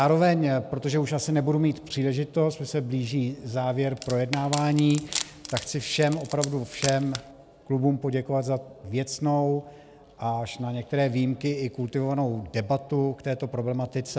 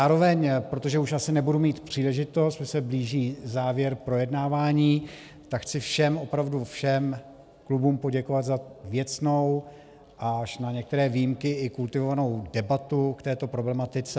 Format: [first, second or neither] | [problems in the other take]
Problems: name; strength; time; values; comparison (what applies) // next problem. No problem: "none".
second | background sound (Wood); 10 dB below the speech